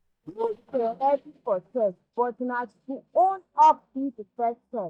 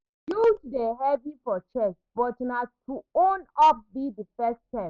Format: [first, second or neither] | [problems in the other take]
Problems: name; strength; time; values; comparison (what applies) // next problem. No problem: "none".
second | noise reduction (neural mask model DeepFilterNet 3)